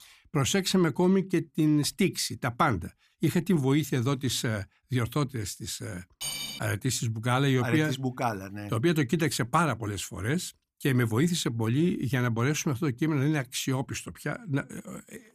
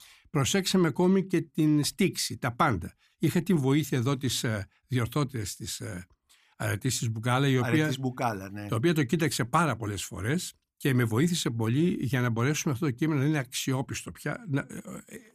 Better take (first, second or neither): second